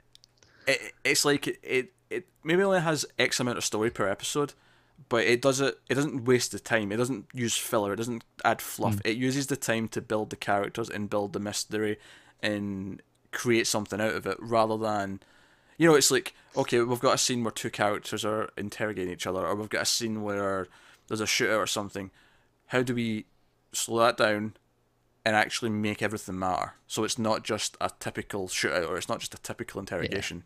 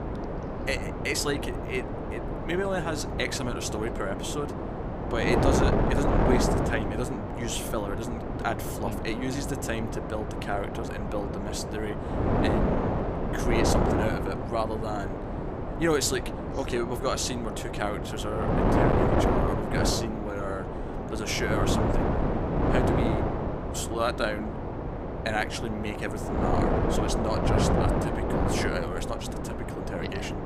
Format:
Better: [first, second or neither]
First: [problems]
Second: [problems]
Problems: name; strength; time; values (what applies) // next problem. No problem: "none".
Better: first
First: none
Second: wind noise on the microphone; heavy; 1 dB above the speech